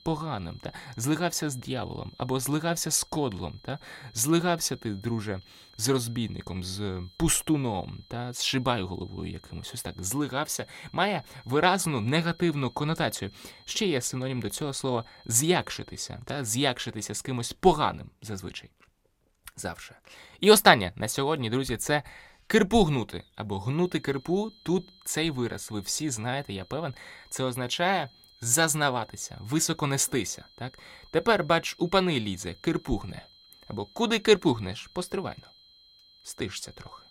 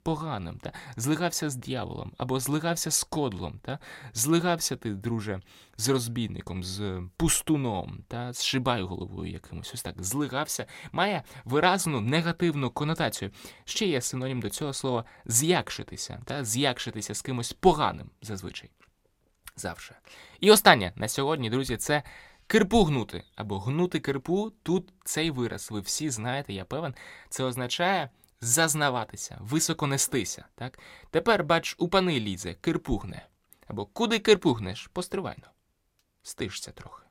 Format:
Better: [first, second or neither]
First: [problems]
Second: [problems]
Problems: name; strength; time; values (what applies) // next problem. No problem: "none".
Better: second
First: high-pitched whine; faint; until 16 s and from 24 s on; 4 kHz, 25 dB below the speech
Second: none